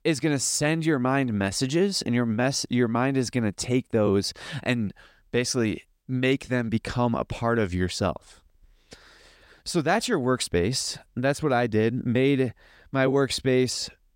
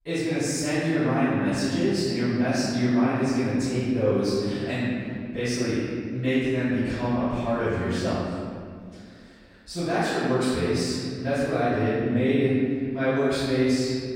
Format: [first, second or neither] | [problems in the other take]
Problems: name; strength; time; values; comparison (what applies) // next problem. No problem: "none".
first | off-mic speech; far // room echo; strong; dies away in 2 s